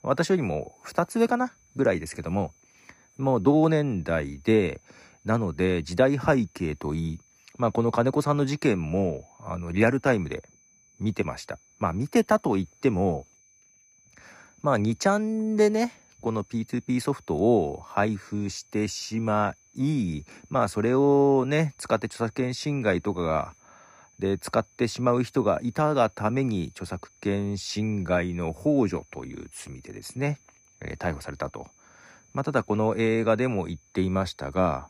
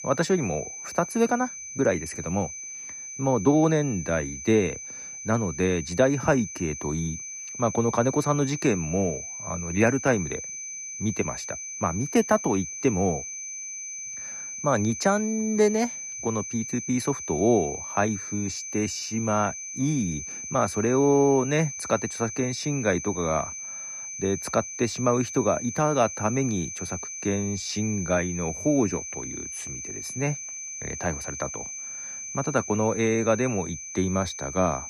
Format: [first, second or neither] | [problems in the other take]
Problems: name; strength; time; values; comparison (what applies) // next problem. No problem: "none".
first | high-pitched whine; loud; throughout; 6 kHz, 8 dB below the speech; faint in the first